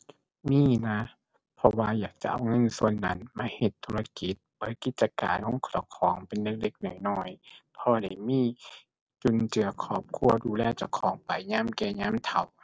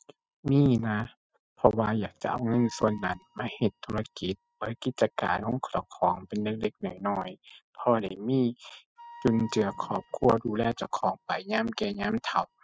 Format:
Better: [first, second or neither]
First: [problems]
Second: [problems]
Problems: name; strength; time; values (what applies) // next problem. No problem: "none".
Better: first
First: none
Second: noise reduction (classical method spectral subtraction)